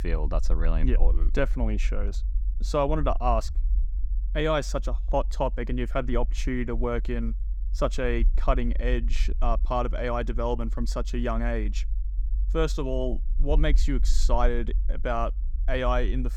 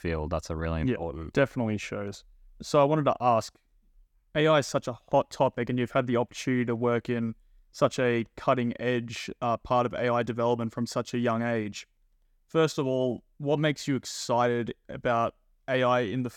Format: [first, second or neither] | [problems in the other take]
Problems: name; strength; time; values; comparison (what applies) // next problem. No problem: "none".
second | low rumble; faint; throughout; 25 dB below the speech